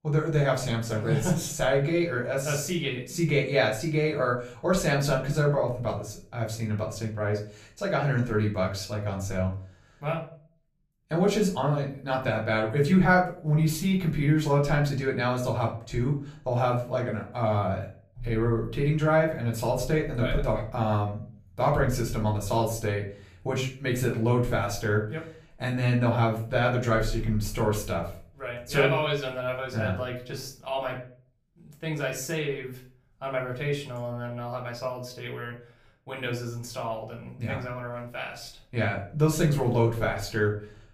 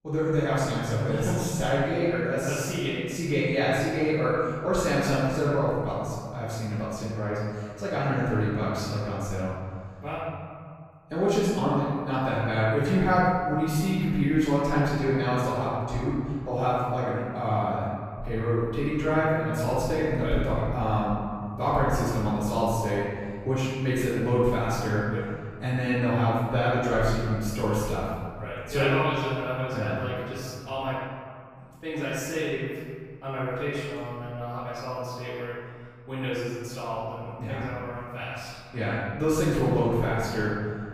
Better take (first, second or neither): first